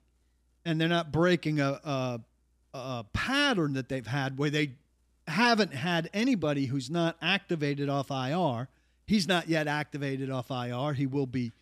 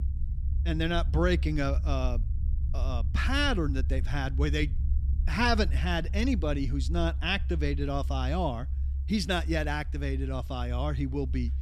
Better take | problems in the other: first | low rumble; noticeable; throughout; 20 dB below the speech

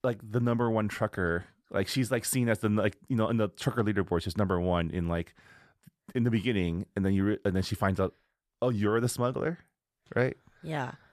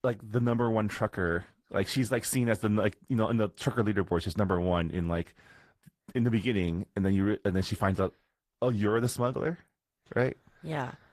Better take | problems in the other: first | garbled, watery; slightly; nothing above 14 kHz

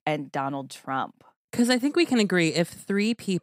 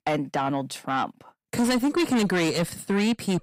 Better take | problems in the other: first | distortion; heavy; 8 dB below the speech

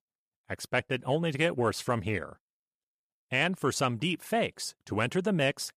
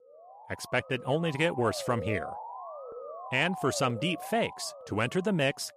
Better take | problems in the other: first | siren; noticeable; peak 8 dB below the speech

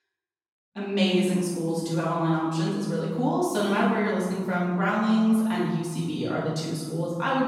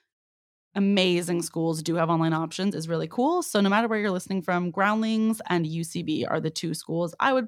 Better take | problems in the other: second | off-mic speech; far // room echo; strong; dies away in 1.4 s

